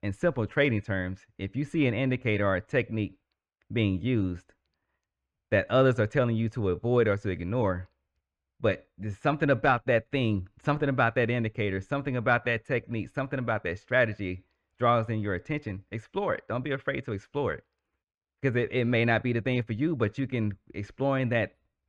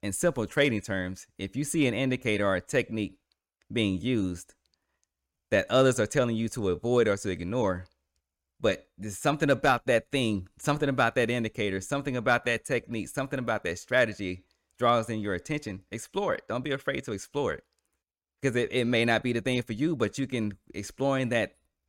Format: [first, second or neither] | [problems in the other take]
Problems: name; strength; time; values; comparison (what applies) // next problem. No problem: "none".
second | muffled; very; fading above 2.5 kHz